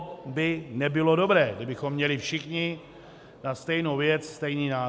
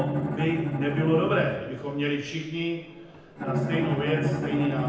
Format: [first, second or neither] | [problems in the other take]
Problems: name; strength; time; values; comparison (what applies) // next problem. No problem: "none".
first | background sound (Bowed string instrument); 2 dB below the speech // room echo; dies away in 0.9 s